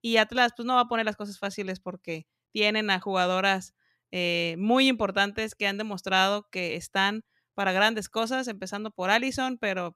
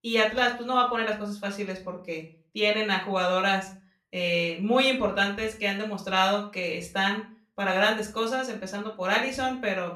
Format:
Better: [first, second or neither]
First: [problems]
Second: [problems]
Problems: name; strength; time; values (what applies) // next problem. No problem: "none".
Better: first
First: none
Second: room echo; slight; dies away in 0.3 s // off-mic speech; far